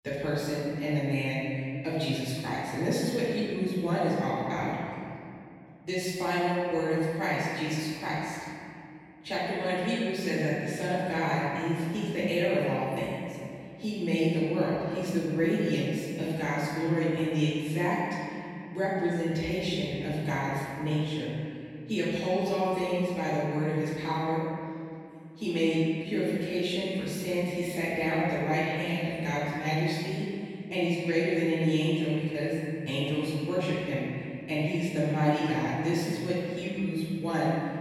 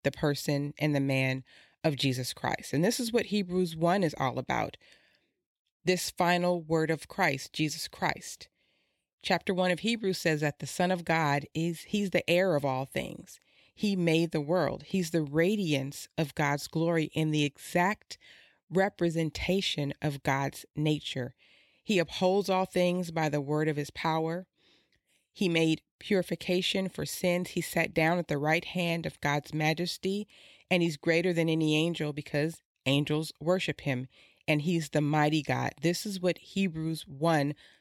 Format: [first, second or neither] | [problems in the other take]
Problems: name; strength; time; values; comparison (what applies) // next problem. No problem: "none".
second | off-mic speech; far // room echo; strong; dies away in 2.4 s